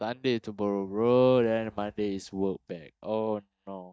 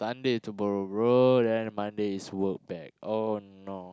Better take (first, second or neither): second